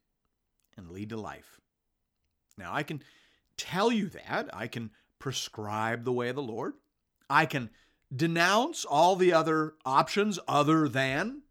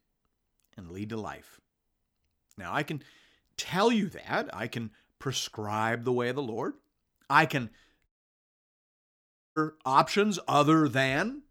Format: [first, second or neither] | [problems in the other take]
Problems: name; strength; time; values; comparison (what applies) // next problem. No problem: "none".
first | audio cutting out; at 8 s for 1.5 s